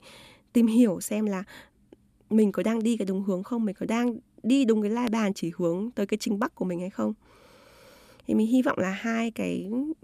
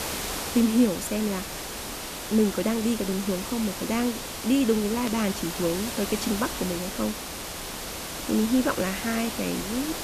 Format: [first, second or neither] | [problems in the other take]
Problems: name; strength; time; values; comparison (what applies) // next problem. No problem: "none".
first | hiss; loud; throughout; 6 dB below the speech